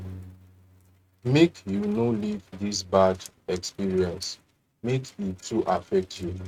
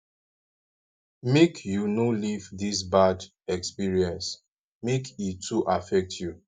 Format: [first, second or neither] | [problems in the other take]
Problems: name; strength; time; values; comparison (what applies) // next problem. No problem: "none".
second | noise reduction (neural mask model RNNoise)